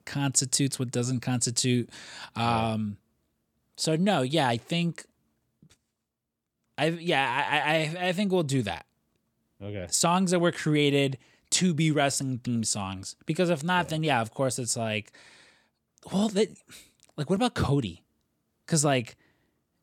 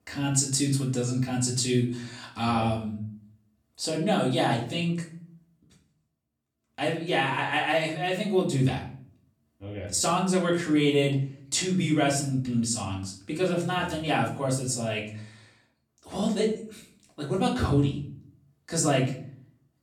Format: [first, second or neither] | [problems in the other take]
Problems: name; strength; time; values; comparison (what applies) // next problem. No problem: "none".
first | off-mic speech; far // room echo; slight; dies away in 0.5 s